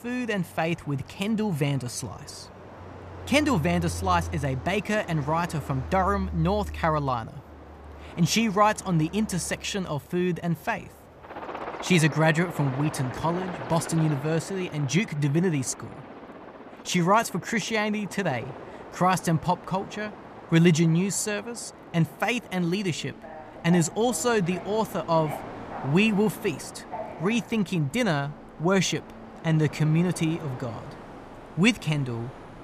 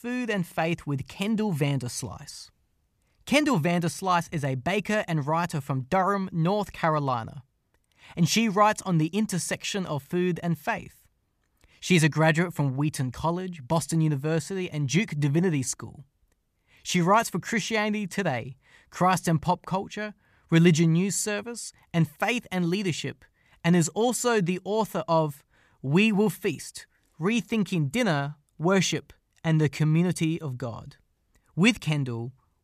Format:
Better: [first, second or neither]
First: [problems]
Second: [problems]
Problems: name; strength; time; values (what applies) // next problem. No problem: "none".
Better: second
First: train or aircraft noise; noticeable; throughout; 15 dB below the speech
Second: none